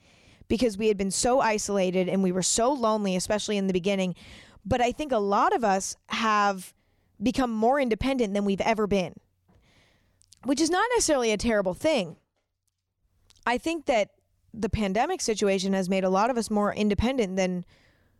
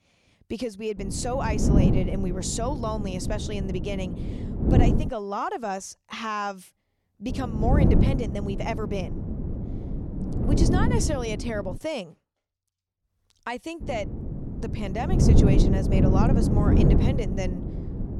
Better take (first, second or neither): first